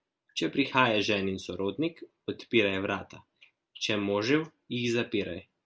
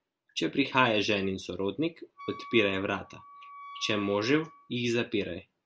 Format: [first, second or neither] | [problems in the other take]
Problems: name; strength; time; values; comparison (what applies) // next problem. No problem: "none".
first | background sound (Wind instrument, woodwind instrument); 16 dB below the speech